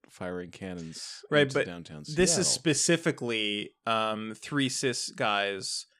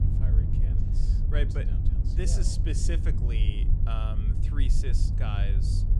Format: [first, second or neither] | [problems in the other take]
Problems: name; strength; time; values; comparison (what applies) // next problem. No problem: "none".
first | low rumble; loud; throughout; 4 dB below the speech